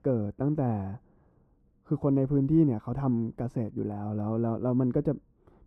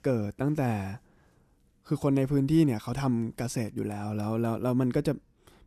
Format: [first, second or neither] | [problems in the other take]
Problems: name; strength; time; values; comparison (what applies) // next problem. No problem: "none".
second | muffled; very; fading above 2 kHz